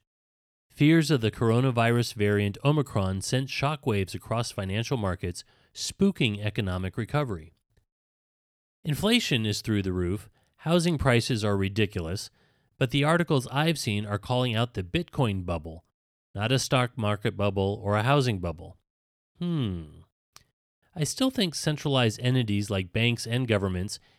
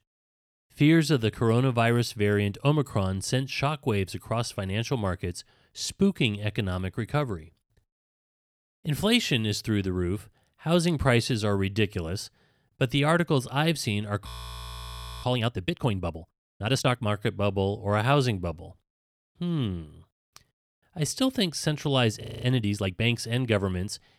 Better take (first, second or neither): first